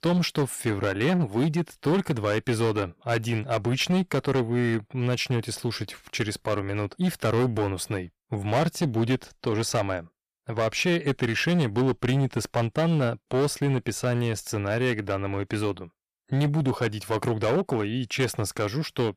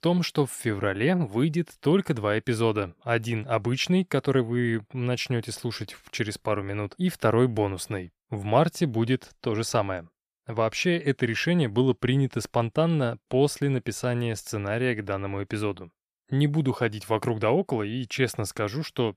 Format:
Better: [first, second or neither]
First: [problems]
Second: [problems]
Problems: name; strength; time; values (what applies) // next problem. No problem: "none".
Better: second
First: distortion; slight; 10% of the sound clipped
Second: none